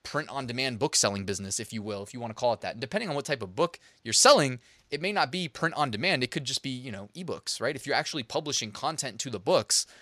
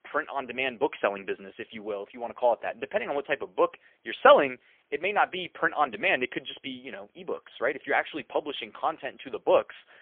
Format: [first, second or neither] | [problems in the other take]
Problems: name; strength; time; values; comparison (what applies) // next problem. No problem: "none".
first | phone-call audio; poor line; nothing above 3.5 kHz